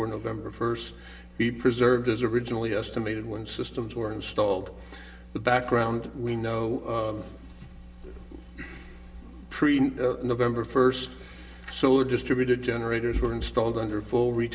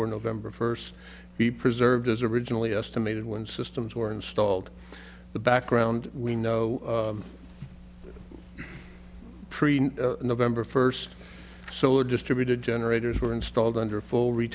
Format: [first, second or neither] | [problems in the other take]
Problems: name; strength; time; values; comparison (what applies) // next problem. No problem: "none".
second | room echo; dies away in 0.8 s